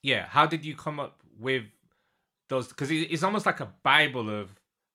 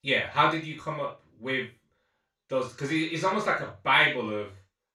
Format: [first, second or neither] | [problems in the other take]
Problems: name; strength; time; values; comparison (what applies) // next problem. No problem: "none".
first | room echo; noticeable; dies away in 0.2 s // off-mic speech; far